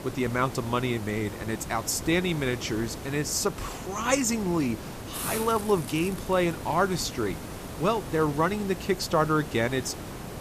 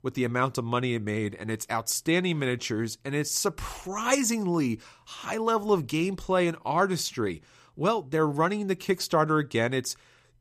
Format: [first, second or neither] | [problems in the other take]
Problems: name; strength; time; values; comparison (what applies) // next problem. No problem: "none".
second | hiss; noticeable; throughout; 10 dB below the speech